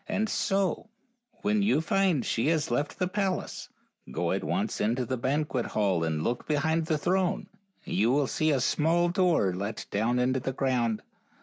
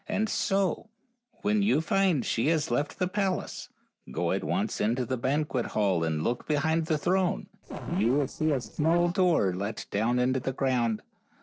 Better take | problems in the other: first | noise reduction (neural separator model SepFormer DNS4)

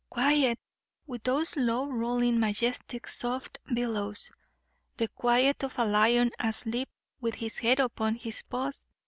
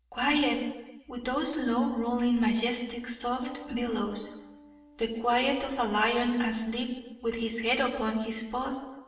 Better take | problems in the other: first | background sound (Piano); 20 dB below the speech // room echo; dies away in 1 s

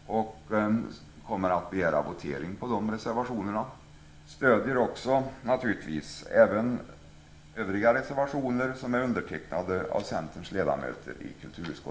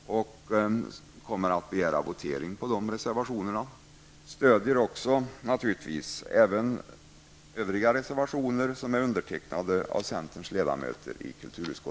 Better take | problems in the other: second | room echo; dies away in 0.7 s

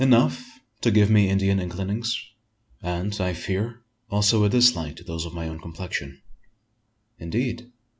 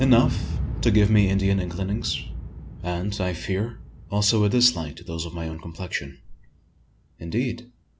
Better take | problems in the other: first | background sound (Explosion); 8 dB below the speech

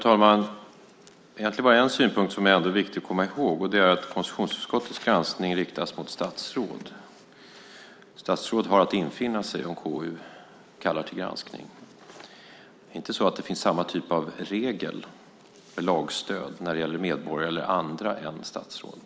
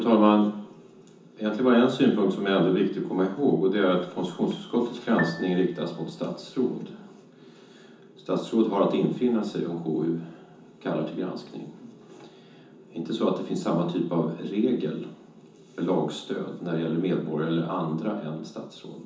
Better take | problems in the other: first | background sound (Piano); 11 dB below the speech // room echo; dies away in 0.6 s

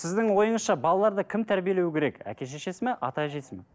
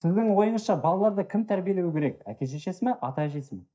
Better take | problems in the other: first | noise reduction (neural mask model DeepFilterNet 3)

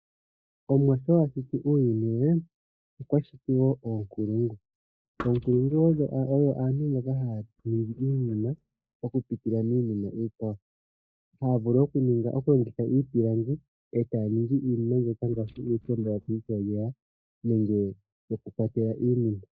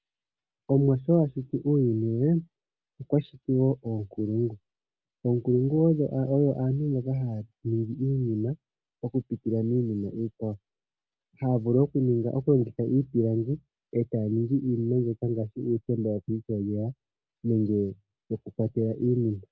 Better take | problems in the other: second | noise reduction (neural mask model DeepFilterNet 3)

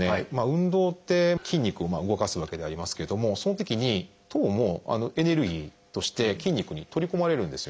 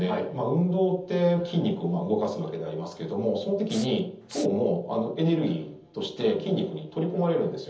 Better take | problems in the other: first | background sound (Respiratory sounds); 17 dB below the speech // room echo; dies away in 0.7 s

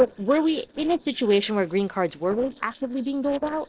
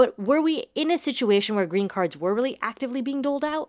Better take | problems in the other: second | noise reduction (neural separator model SepFormer DNS4)

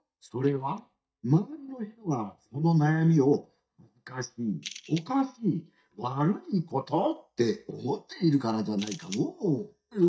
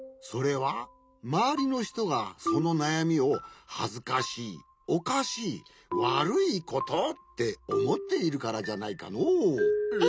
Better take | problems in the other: second | noise reduction (neural mask model DeepFilterNet 3)

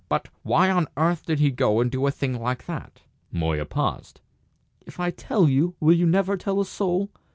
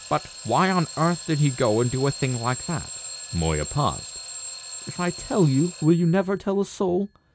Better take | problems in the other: first | background sound (Alarm / Clock); 12 dB below the speech

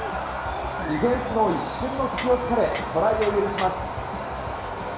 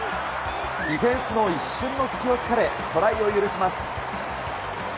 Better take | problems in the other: second | background sound (Tools); 14 dB below the speech // room echo; dies away in 0.9 s

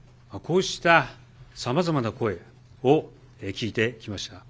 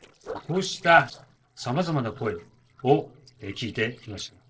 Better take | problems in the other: first | noise reduction (neural separator model SepFormer DNS4)

